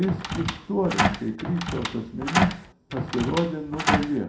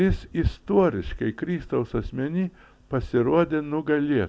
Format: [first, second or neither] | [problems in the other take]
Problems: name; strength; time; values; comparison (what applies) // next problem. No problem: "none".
second | background sound (Door); as loud as the speech // room echo; dies away in 0.4 s